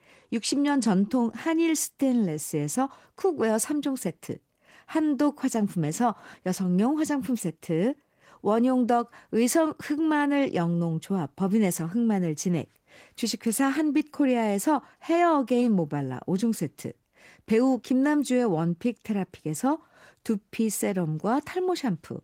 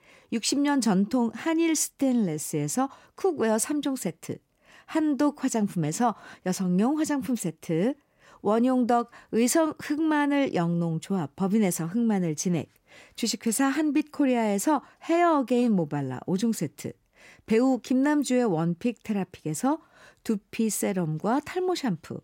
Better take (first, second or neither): second